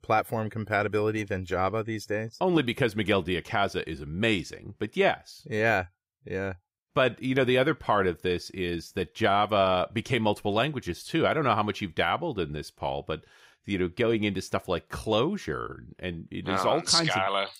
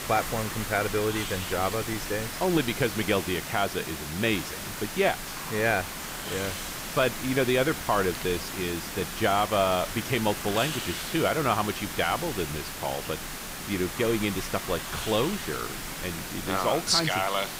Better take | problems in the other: first | hiss; loud; throughout; 6 dB below the speech

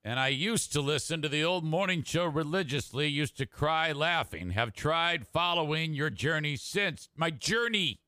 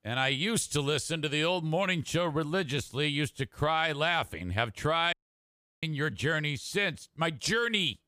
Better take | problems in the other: first | audio cutting out; at 5 s for 0.5 s

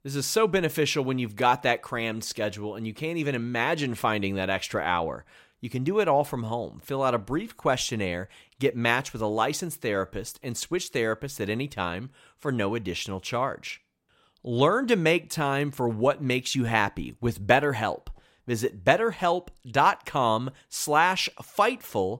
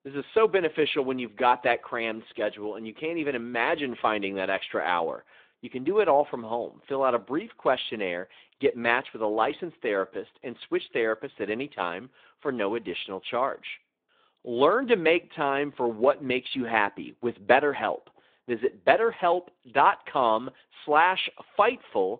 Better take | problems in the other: first | phone-call audio; nothing above 3.5 kHz

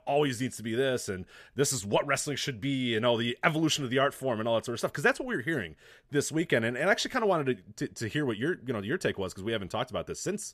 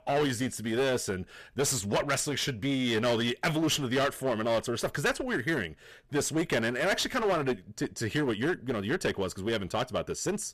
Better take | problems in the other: first | distortion; heavy; 14% of the sound clipped

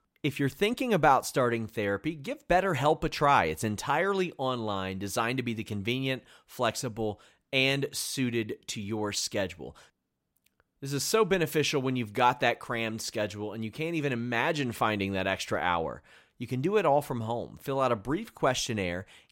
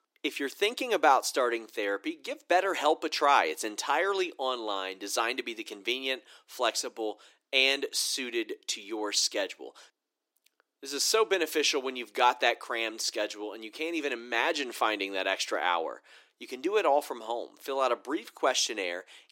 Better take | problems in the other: first | thin; somewhat; fading below 300 Hz

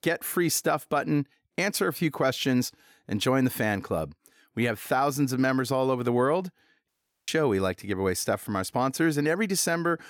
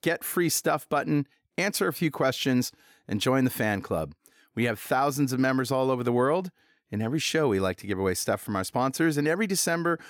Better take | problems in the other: second | audio cutting out; at 7 s

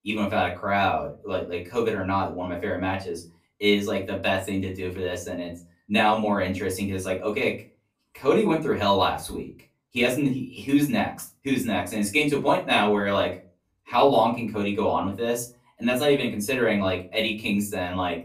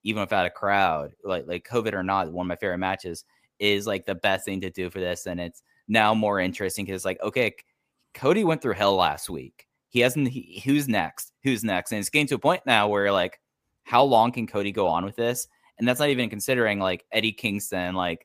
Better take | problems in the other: second | off-mic speech; far // room echo; very slight; dies away in 0.3 s

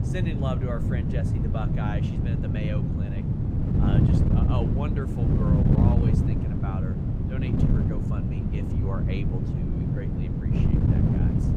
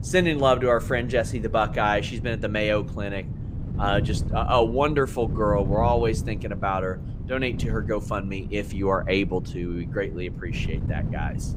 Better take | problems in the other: second | wind noise on the microphone; heavy; 4 dB above the speech; occasional gusts in the second

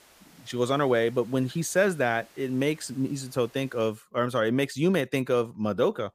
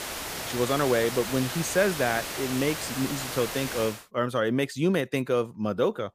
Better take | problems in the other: first | hiss; loud; until 4 s; 5 dB below the speech; faint in the first

